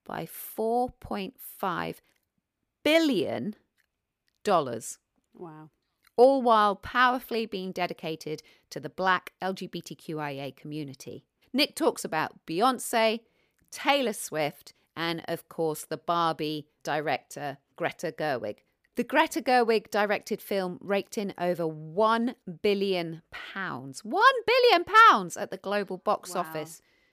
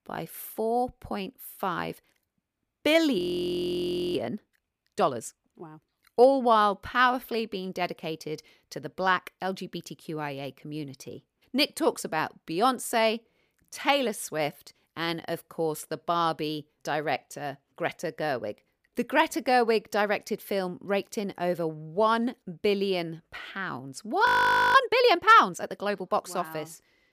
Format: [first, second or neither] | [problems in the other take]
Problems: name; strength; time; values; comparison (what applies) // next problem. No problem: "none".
first | audio freezing; at 3 s for 1 s and at 24 s for 0.5 s